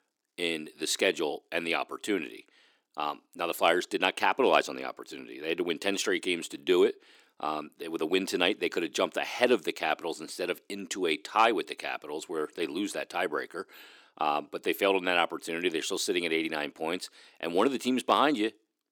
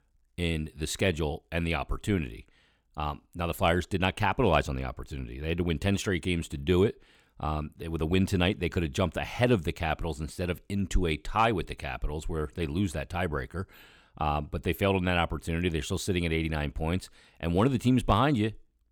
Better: second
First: thin; somewhat; fading below 300 Hz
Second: none

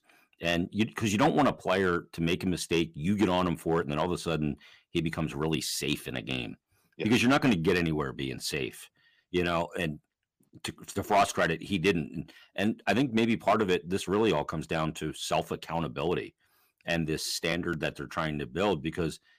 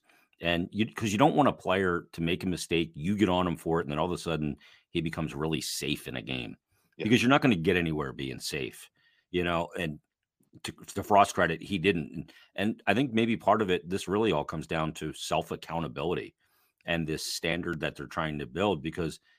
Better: second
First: distortion; slight; 2% of the sound clipped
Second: none

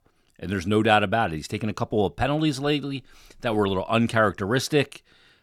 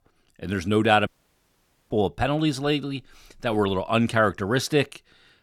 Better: first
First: none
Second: audio cutting out; at 1 s for 1 s

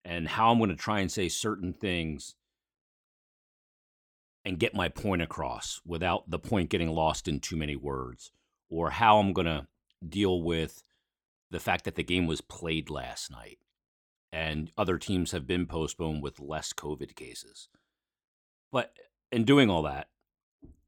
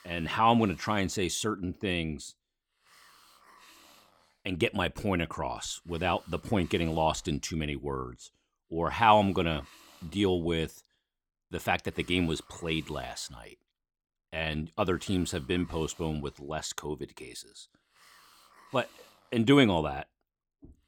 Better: first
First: none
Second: hiss; faint; throughout; 25 dB below the speech

